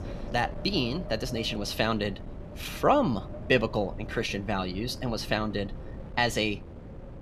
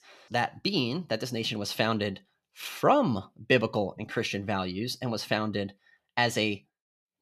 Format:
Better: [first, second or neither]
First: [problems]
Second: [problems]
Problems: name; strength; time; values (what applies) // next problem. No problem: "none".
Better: second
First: wind noise on the microphone; occasional gusts; 15 dB below the speech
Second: none